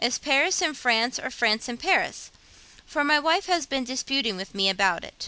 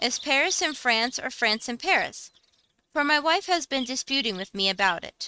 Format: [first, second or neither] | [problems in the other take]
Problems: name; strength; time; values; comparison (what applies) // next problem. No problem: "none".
first | noise reduction (neural mask model RNNoise)